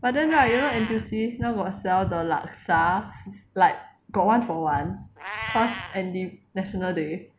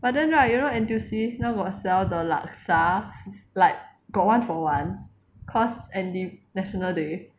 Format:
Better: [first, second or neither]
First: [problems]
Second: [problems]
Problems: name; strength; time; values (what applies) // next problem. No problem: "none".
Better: second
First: background sound (Meow); 15 dB below the speech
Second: none